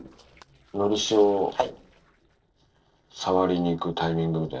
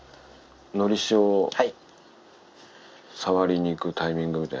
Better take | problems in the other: second | noise reduction (neural separator model SepFormer DNS4)

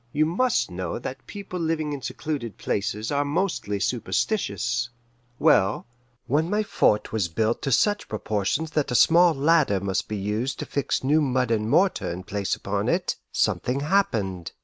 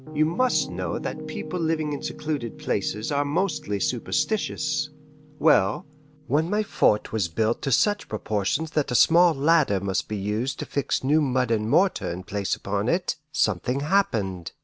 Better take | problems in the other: first | background sound (Piano); 17 dB below the speech

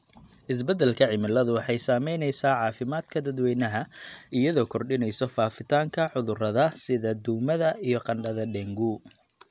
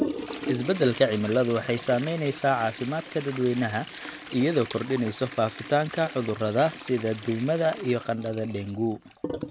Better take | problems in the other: first | background sound (Toilet flush); 11 dB below the speech

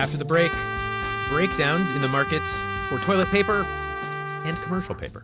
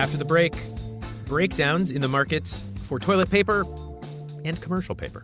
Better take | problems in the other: second | background sound (Trumpet); 5 dB below the speech

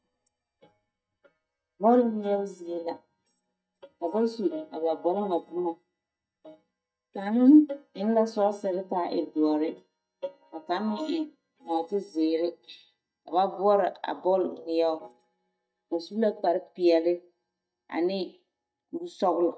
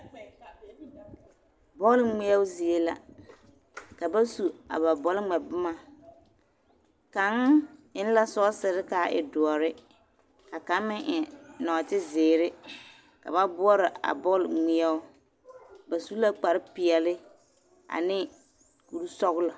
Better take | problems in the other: second | noise reduction (neural mask model DeepFilterNet 3)

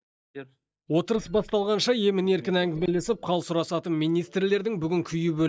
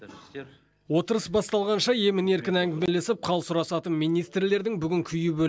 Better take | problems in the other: second | noise reduction (neural mask model DeepFilterNet 3)

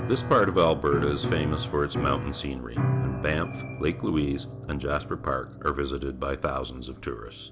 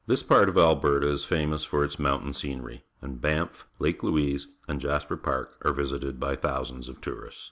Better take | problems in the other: second | background sound (Piano); 5 dB below the speech

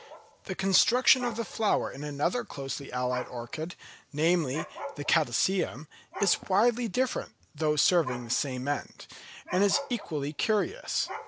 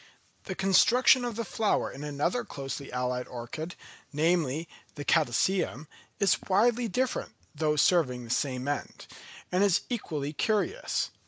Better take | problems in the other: second | background sound (Dog); 15 dB below the speech

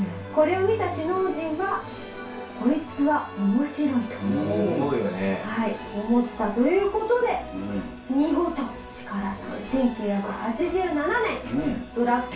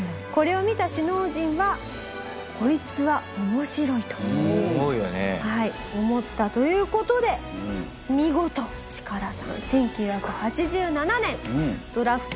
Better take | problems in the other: second | room echo; dies away in 0.2 s

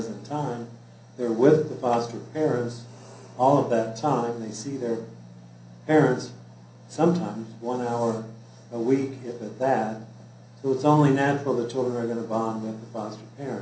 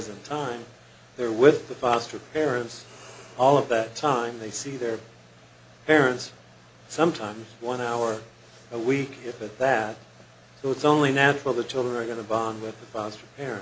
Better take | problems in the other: second | room echo; dies away in 0.6 s

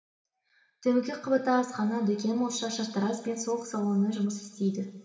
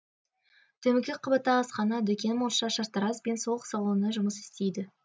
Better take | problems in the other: second | room echo; dies away in 2.1 s

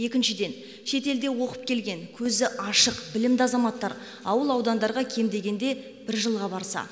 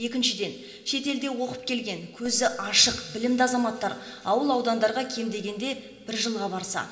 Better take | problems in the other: first | room echo; dies away in 0.7 s

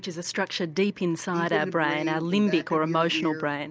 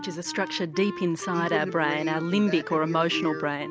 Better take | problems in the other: first | background sound (Wind instrument, woodwind instrument); 13 dB below the speech

